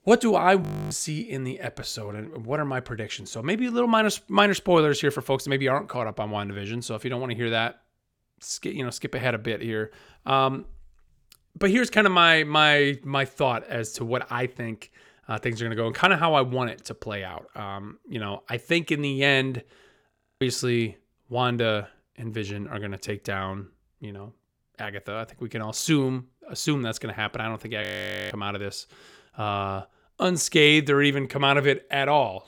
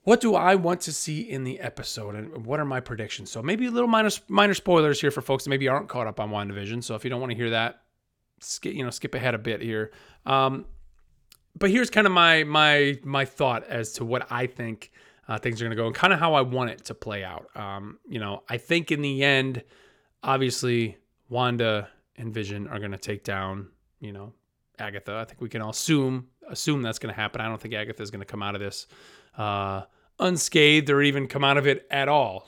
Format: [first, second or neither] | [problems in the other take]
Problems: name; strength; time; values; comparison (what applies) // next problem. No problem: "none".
second | audio freezing; at 0.5 s, at 20 s and at 28 s